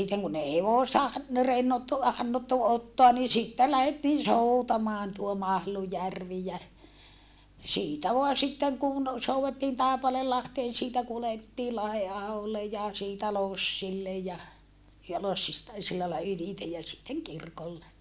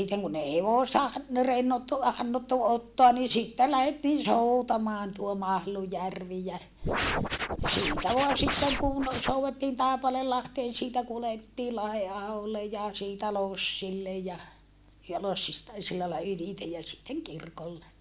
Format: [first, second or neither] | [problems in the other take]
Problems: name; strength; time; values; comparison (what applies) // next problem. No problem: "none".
first | background sound (Scratching (performance technique)); 2 dB below the speech